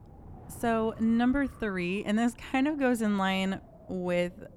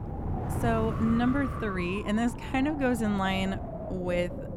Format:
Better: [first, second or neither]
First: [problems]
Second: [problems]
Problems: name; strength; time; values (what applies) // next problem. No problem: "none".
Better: first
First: wind noise on the microphone; occasional gusts; 25 dB below the speech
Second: wind noise on the microphone; heavy; 7 dB below the speech